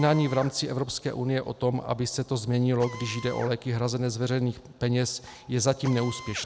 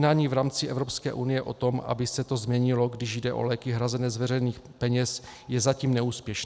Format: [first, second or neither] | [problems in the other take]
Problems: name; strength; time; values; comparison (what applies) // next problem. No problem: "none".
second | background sound (Drill); 19 dB below the speech